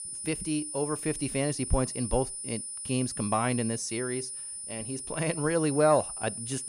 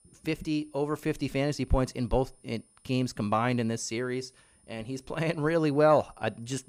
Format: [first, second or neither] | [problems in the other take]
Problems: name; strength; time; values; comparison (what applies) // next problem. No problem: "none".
second | high-pitched whine; loud; throughout; 9.5 kHz, 5 dB below the speech; faint in the second